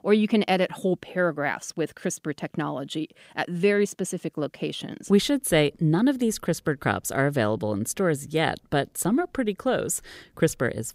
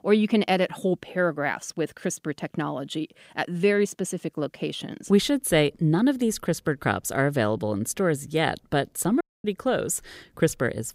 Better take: first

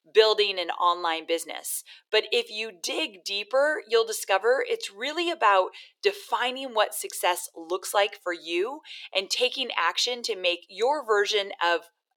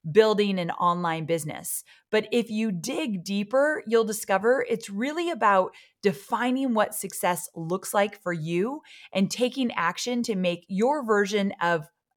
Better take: second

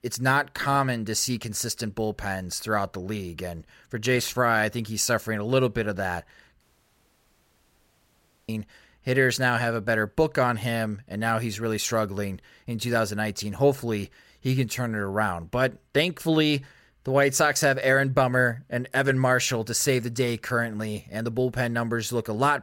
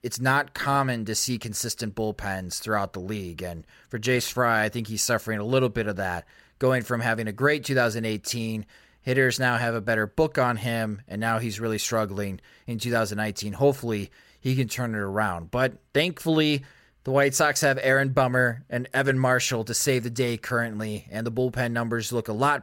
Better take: second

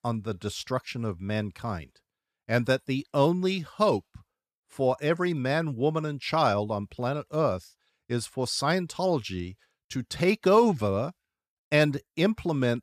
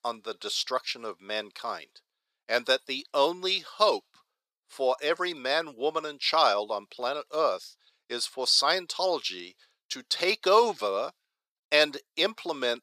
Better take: first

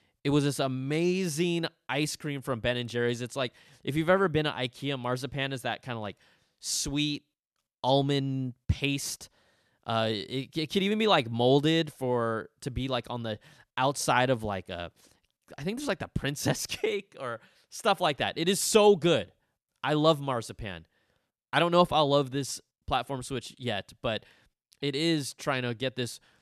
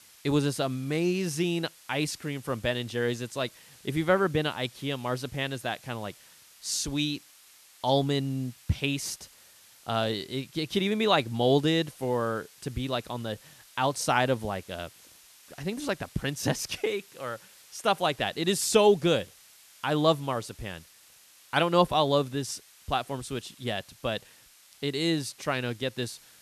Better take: first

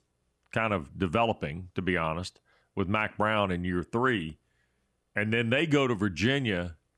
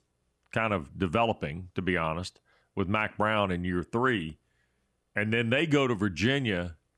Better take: neither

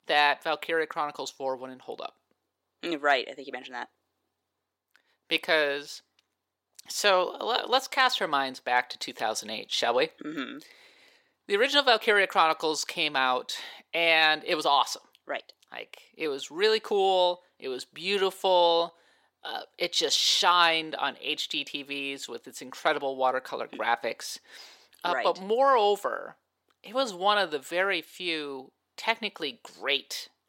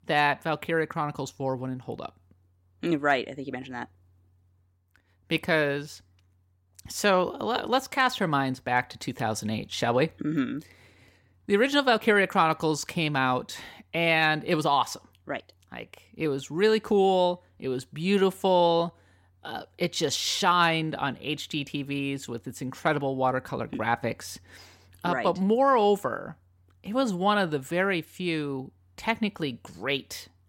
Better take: second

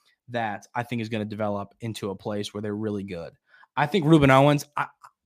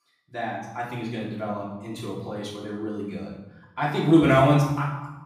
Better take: first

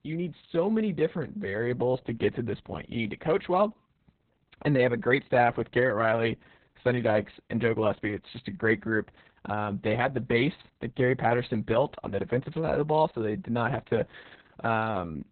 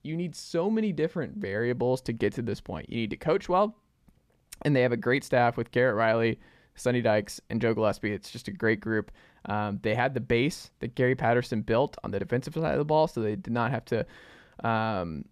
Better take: second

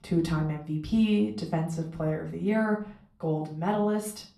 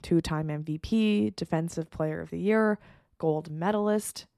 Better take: second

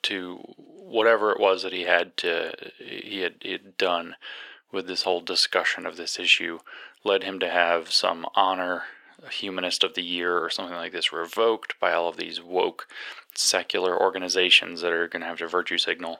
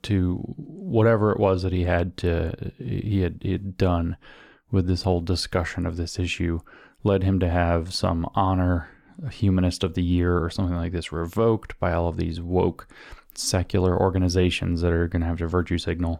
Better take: second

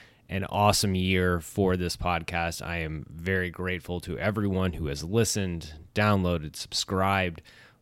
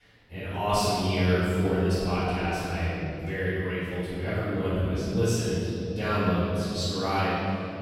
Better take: first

